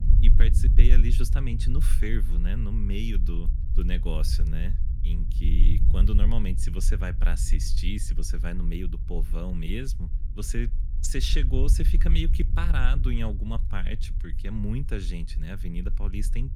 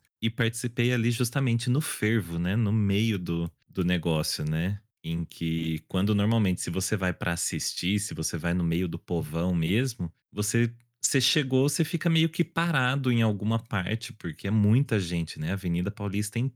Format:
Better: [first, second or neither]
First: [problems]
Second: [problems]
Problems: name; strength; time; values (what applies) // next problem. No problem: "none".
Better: second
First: low rumble; loud; throughout; 10 dB below the speech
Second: none